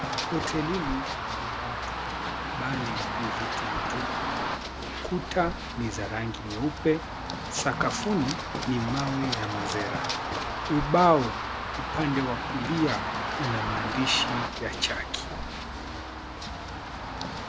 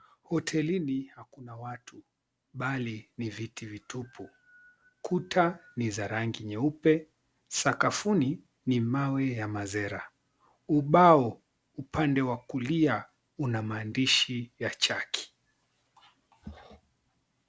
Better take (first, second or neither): second